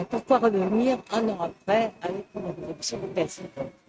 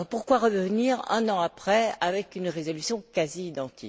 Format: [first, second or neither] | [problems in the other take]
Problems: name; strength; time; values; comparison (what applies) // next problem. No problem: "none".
second | noise reduction (neural mask model RNNoise)